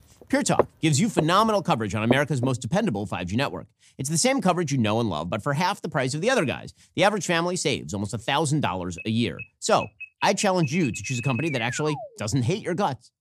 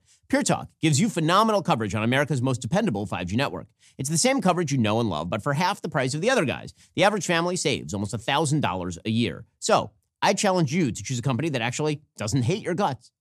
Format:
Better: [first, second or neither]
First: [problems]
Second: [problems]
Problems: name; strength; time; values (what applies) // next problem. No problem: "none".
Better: second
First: footsteps; noticeable; from 0.5 to 2.5 s; peak 2 dB below the speech // alarm; noticeable; from 9 to 12 s; peak 8 dB below the speech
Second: none